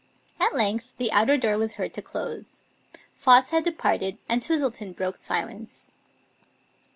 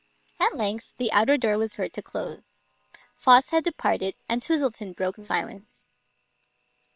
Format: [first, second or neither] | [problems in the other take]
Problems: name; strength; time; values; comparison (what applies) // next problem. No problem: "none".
first | noise reduction (neural separator model SepFormer WHAM!)